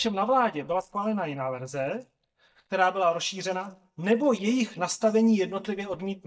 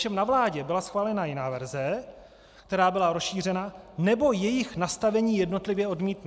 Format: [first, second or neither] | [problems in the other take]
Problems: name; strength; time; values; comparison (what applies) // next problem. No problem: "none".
second | noise reduction (neural mask model DeepFilterNet 3)